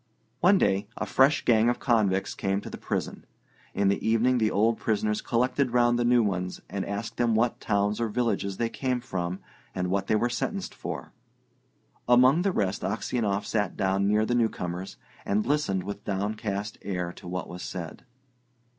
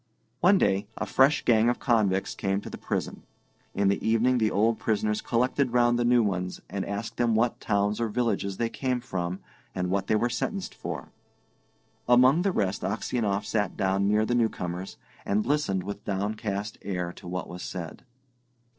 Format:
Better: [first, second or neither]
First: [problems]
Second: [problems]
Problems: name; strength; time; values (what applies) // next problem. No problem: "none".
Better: first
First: none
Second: noise reduction (neural separator model SepFormer DNS4)